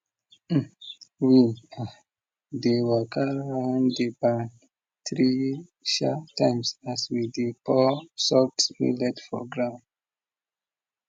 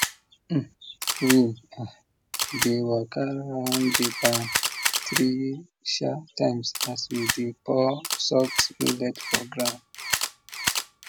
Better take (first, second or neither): first